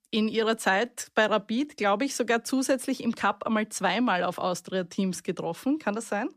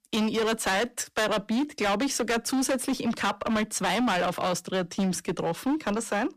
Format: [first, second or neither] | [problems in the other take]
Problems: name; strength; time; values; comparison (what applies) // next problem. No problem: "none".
first | distortion; heavy; 22% of the sound clipped